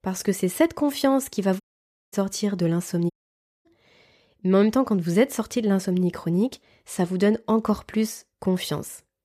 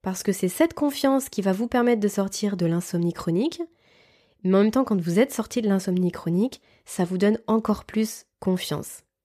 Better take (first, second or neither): second